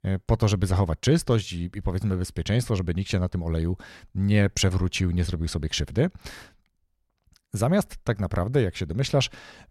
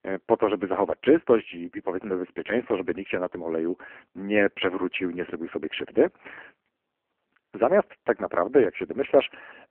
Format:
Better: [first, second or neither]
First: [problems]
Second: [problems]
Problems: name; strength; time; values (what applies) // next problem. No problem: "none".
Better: first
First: none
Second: phone-call audio; poor line; nothing above 3 kHz